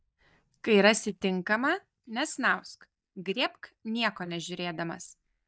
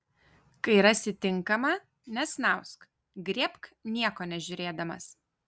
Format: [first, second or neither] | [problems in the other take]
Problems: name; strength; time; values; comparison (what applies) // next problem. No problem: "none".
second | noise reduction (neural mask model DeepFilterNet 3)